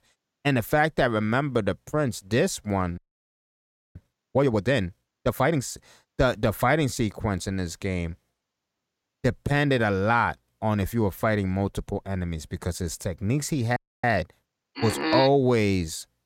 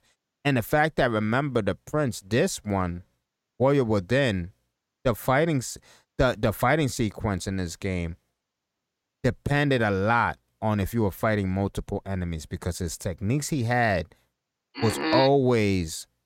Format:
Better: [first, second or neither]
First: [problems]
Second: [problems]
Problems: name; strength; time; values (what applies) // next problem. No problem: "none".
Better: second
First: audio freezing; at 3 s for 1 s and at 14 s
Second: none